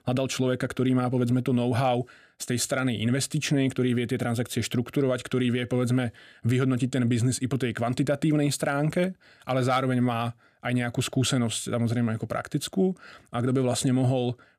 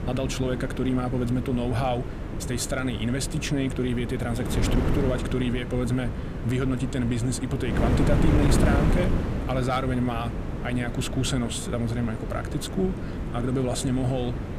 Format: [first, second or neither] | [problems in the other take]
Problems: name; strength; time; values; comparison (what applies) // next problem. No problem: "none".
first | wind noise on the microphone; heavy; 4 dB below the speech